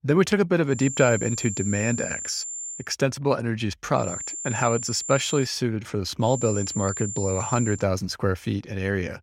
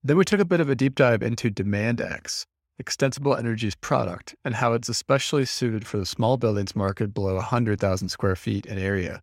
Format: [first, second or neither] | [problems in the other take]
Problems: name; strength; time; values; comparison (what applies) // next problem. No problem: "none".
second | high-pitched whine; loud; from 1 to 3 s, from 4 to 5.5 s and from 6.5 to 8 s; 7 kHz, 6 dB below the speech